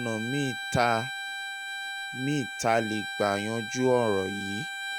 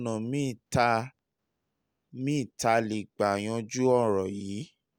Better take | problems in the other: second | background sound (Bowed string instrument); 6 dB below the speech

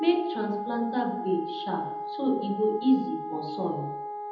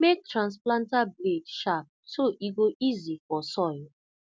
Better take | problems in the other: second | background sound (Wind instrument, woodwind instrument); 7 dB below the speech // room echo; dies away in 0.8 s

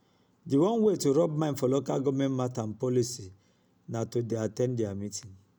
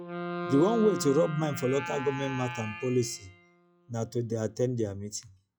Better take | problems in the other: first | noise reduction (classical method log-MMSE)

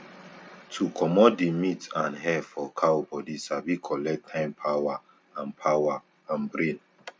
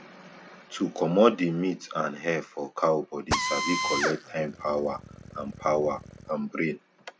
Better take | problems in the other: first | background sound (Drill); 4 dB below the speech

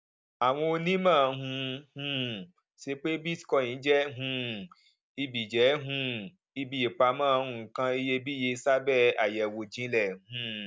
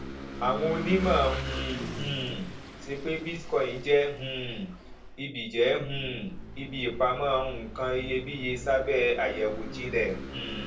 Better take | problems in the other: first | background sound (Engine / Vehicle); 8 dB below the speech // room echo; dies away in 0.3 s

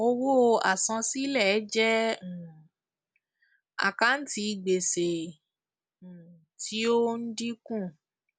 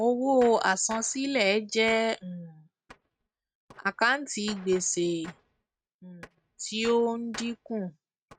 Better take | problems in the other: first | noise reduction (neural mask model RNNoise)

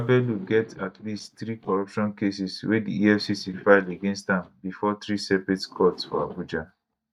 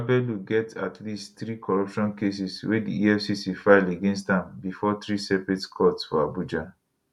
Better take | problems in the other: second | noise reduction (neural mask model DeepFilterNet 3)

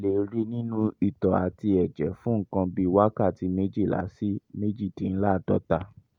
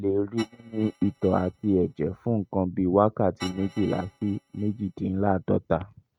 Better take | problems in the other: first | noise reduction (neural mask model RNNoise)

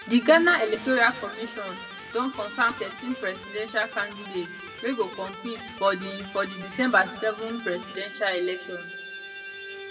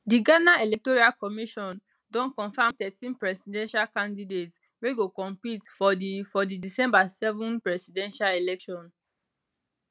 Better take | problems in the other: second | background sound (Electric guitar); 13 dB below the speech // room echo; dies away in 1.5 s

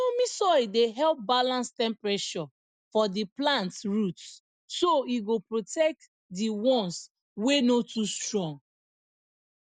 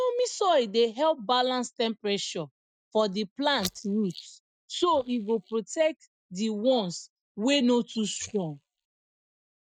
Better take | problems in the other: first | noise reduction (neural mask model DeepFilterNet 3)

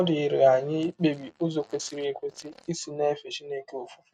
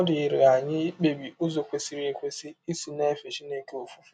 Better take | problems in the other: second | noise reduction (neural mask model RNNoise)

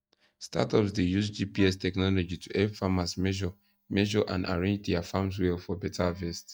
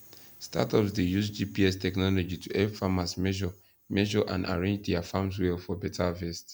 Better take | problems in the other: second | noise reduction (neural mask model DeepFilterNet 3)

